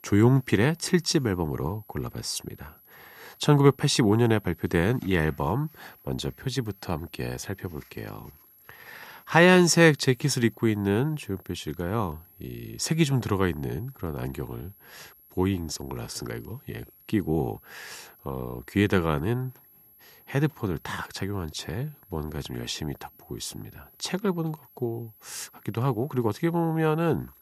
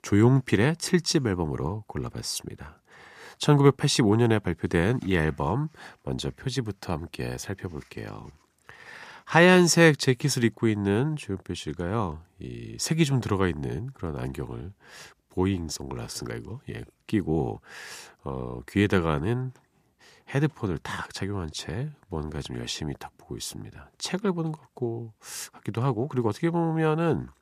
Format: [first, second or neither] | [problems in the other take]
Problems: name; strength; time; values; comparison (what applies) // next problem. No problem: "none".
second | high-pitched whine; faint; throughout; 11.5 kHz, 25 dB below the speech